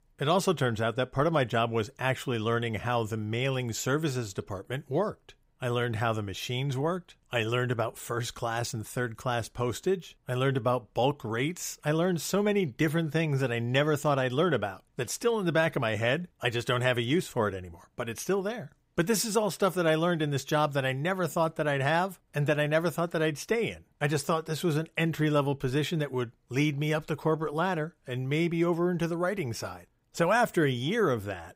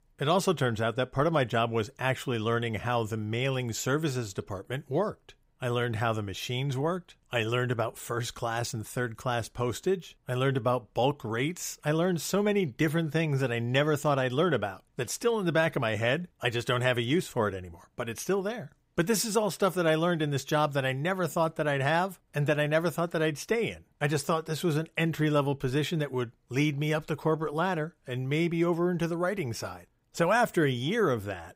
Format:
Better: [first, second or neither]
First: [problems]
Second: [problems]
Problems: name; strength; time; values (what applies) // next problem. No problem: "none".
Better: neither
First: none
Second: none